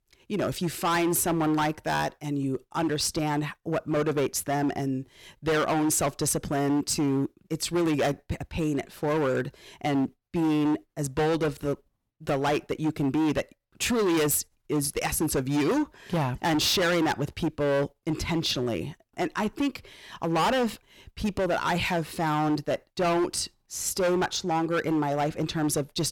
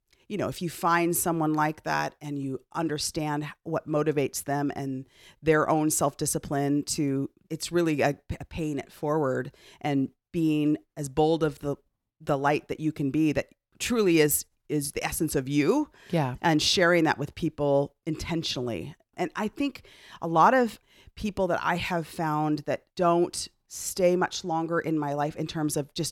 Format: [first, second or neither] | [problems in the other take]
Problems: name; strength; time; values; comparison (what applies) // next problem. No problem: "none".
second | distortion; heavy; 16% of the sound clipped